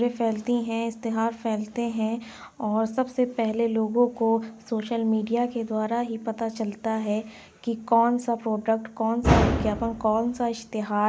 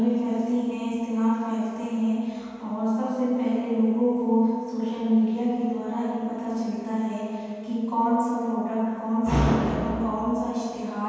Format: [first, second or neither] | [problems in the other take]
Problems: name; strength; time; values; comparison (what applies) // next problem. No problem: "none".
first | room echo; dies away in 2.1 s